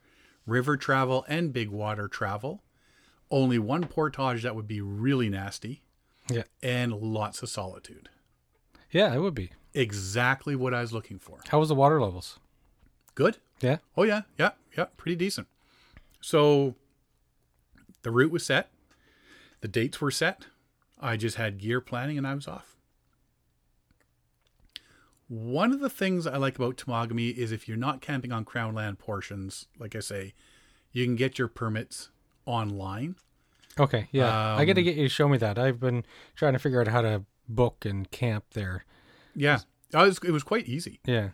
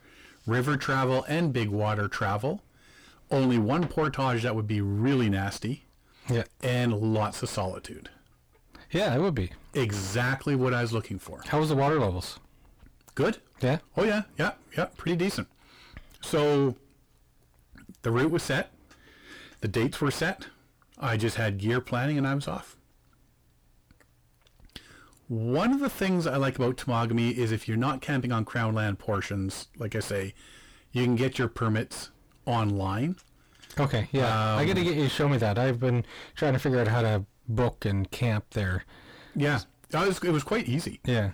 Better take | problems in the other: first | distortion; heavy; 5 dB below the speech

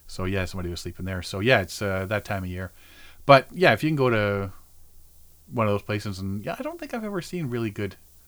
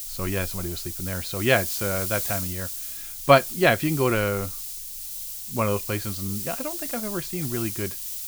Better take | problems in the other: first | hiss; loud; throughout; 5 dB below the speech; faint in the first

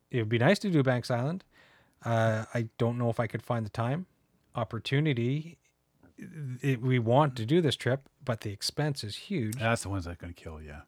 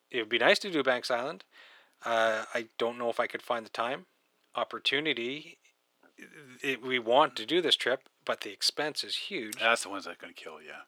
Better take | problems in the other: first | thin; very; fading below 350 Hz

